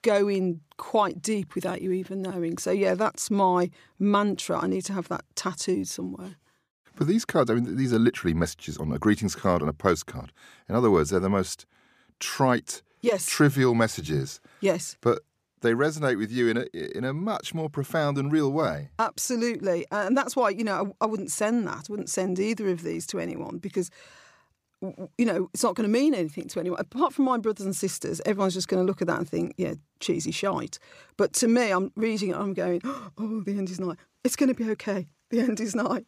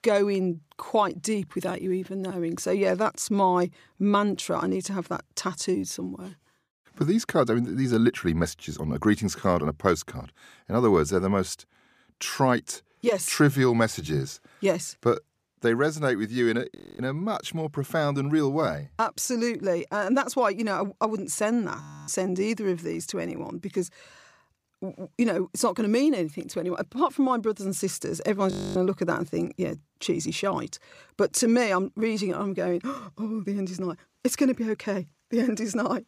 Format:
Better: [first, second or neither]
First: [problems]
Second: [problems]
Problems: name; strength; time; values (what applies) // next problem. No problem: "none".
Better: first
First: none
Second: audio freezing; at 17 s, at 22 s and at 29 s